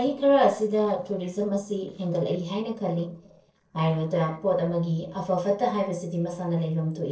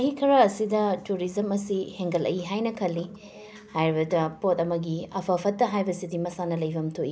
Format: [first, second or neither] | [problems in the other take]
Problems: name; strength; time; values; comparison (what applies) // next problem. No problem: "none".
second | noise reduction (neural separator model SepFormer DNS4)